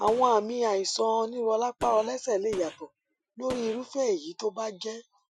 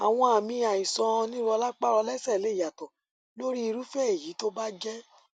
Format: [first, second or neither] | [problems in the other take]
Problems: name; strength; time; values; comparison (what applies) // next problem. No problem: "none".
second | noise reduction (classical method Wiener filter)